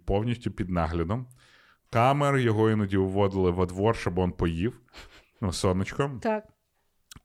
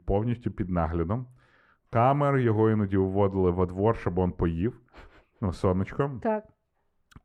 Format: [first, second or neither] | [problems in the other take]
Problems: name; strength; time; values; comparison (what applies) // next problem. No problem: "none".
first | muffled; very; fading above 2.5 kHz